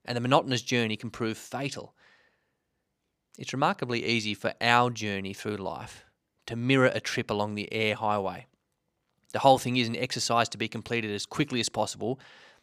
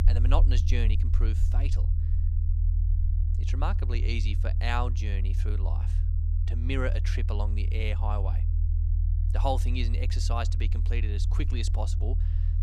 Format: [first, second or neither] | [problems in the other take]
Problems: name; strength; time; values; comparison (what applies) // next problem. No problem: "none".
first | low rumble; loud; throughout; 10 dB below the speech